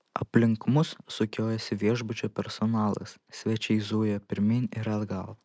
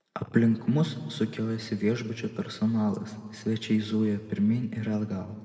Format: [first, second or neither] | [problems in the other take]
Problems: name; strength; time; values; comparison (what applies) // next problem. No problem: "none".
first | room echo; dies away in 1.6 s